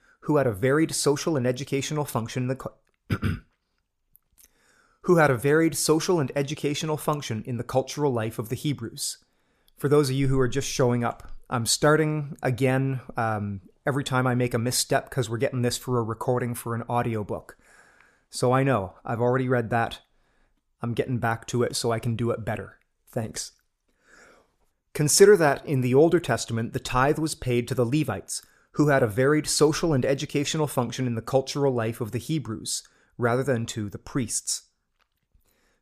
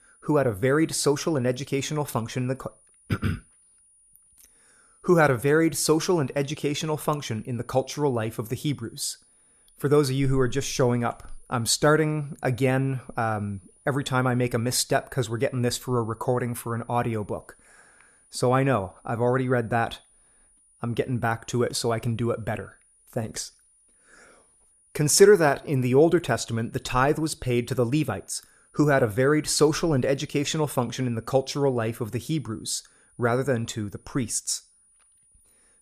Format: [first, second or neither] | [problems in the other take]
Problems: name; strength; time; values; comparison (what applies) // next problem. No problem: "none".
first | high-pitched whine; faint; throughout; 9.5 kHz, 30 dB below the speech